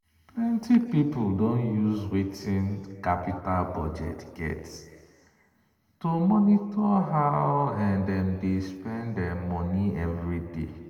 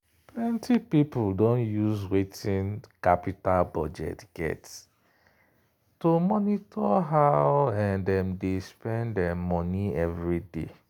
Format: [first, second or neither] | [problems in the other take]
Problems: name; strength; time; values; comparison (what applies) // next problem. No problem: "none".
second | room echo; dies away in 1.8 s